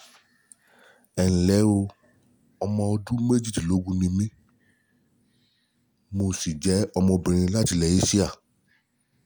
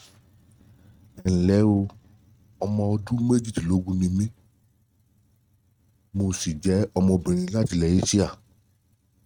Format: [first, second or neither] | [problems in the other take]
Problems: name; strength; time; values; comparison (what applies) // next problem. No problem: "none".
first | noise reduction (neural mask model RNNoise)